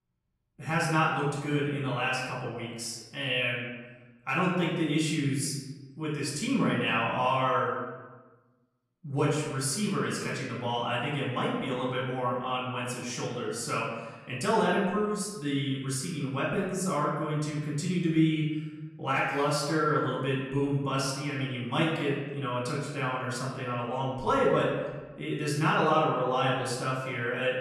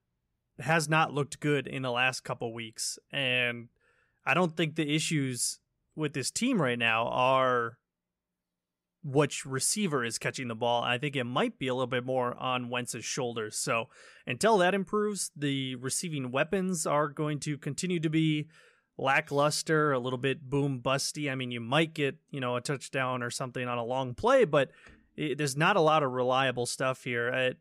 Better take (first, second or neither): second